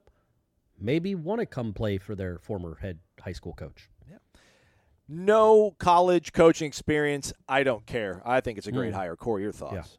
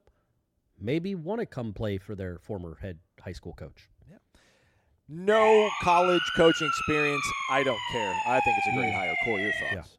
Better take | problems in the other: first | siren; loud; from 5.5 s on; peak 3 dB above the speech

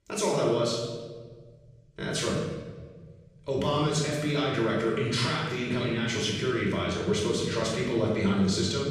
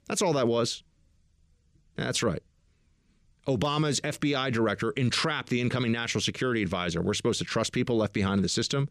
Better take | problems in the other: second | room echo; noticeable; dies away in 1.2 s // off-mic speech; far

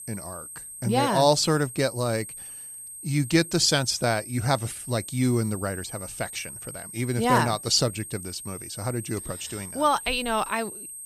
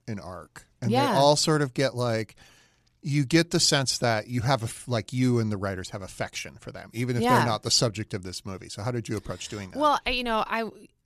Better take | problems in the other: second | high-pitched whine; noticeable; throughout; 8.5 kHz, 10 dB below the speech

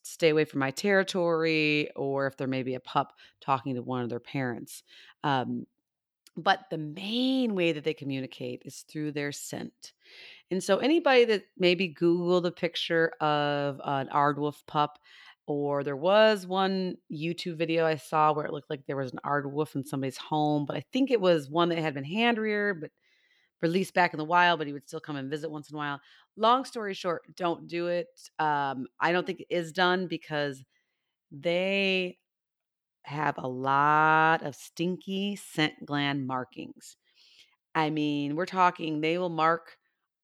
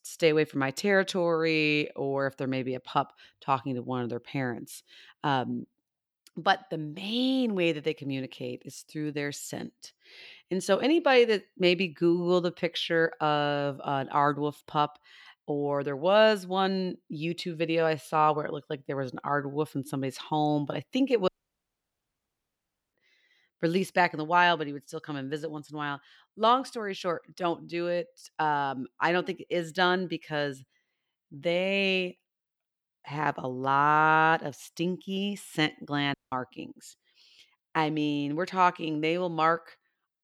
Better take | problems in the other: first | audio cutting out; at 21 s for 1.5 s and at 36 s

